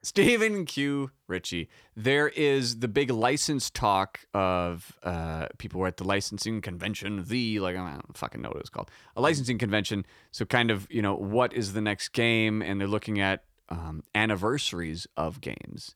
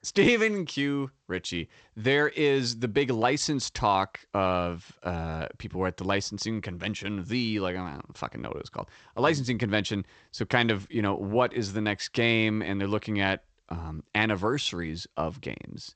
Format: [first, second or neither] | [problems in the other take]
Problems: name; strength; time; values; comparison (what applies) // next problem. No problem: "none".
first | garbled, watery; slightly; nothing above 8 kHz